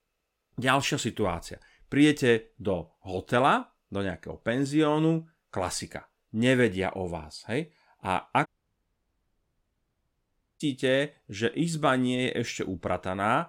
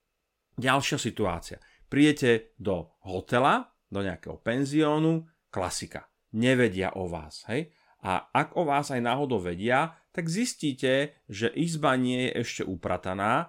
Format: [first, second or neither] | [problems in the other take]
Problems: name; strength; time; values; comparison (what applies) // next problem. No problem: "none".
second | audio cutting out; at 8.5 s for 2 s